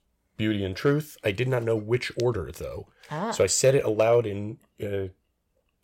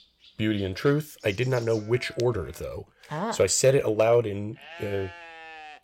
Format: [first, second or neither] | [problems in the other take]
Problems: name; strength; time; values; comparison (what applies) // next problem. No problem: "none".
first | animal sounds; faint; throughout; 20 dB below the speech